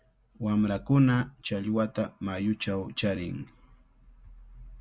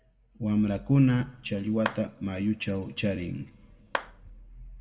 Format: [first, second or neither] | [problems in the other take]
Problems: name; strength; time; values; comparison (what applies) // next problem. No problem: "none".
first | background sound (Clapping); 12 dB below the speech // room echo; dies away in 1.4 s